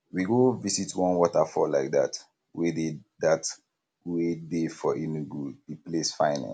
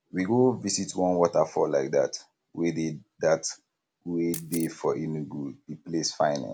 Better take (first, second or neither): first